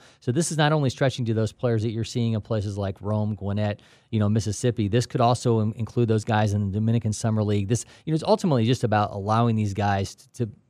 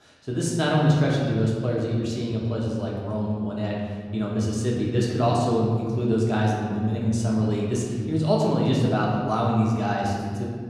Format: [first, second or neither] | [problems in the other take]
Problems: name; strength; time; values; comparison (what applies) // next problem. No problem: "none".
first | room echo; noticeable; dies away in 1.9 s // off-mic speech; far